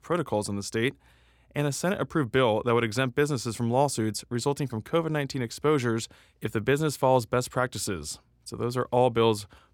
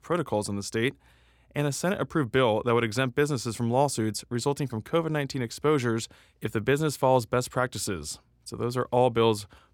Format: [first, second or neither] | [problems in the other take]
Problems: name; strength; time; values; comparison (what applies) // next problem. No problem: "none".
neither | none